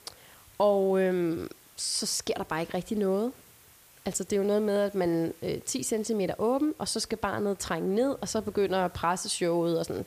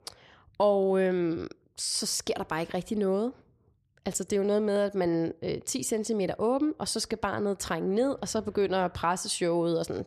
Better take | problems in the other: second | hiss; faint; throughout; 25 dB below the speech

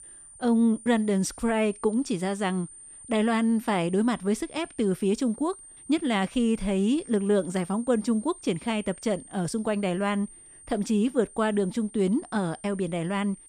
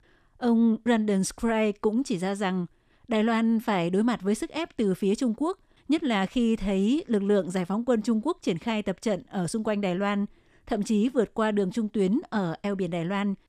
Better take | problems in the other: second | high-pitched whine; noticeable; throughout; 9 kHz, 20 dB below the speech

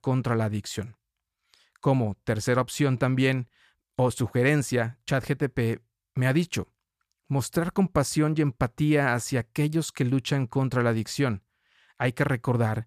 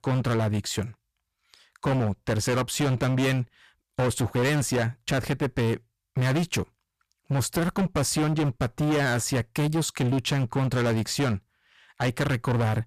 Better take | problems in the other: first | distortion; heavy; 21% of the sound clipped

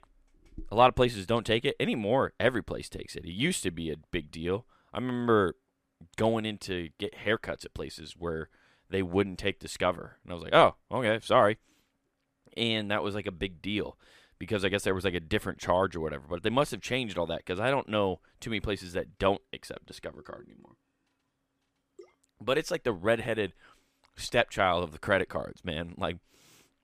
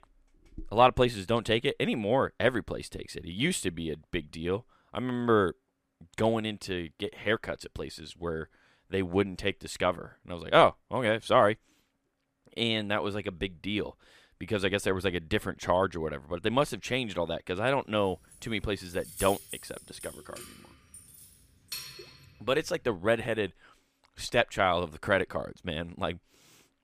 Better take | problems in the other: first | jangling keys; noticeable; from 18 to 22 s; peak 8 dB below the speech

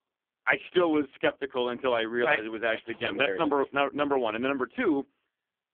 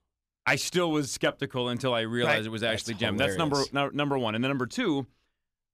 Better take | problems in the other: second | phone-call audio; poor line; nothing above 3.5 kHz

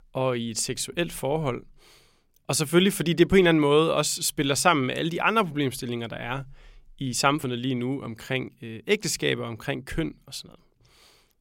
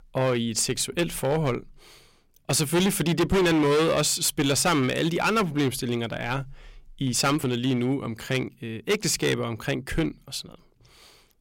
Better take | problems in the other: first | distortion; heavy; 9% of the sound clipped

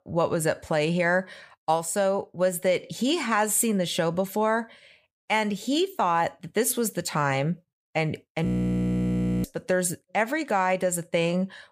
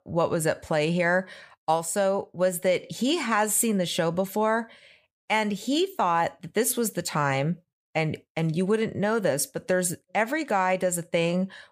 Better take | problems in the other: second | audio freezing; at 8.5 s for 1 s

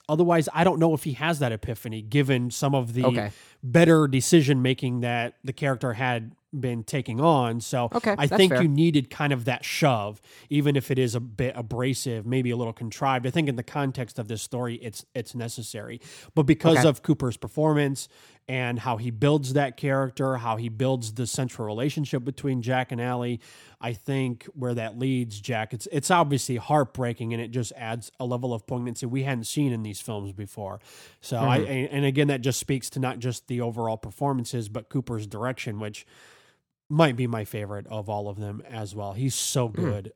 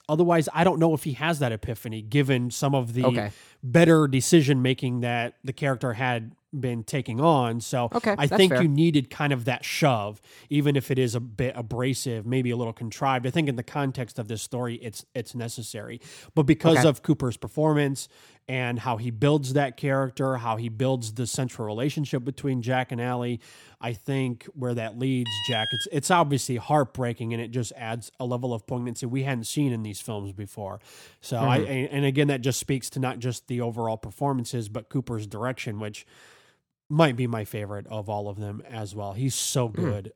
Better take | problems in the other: first | alarm; noticeable; at 25 s; peak 1 dB below the speech

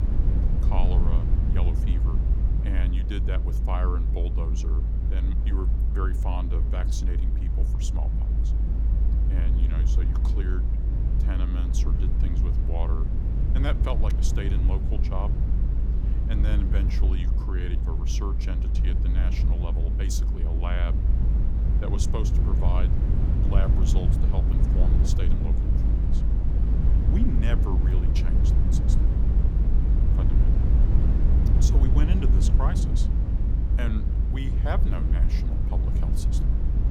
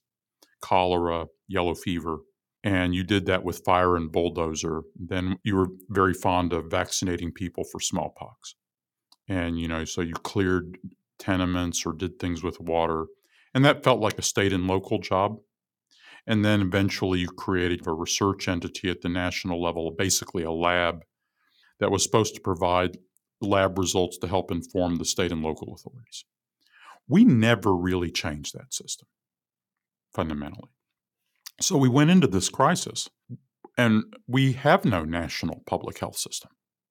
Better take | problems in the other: second | low rumble; loud; throughout; 2 dB below the speech

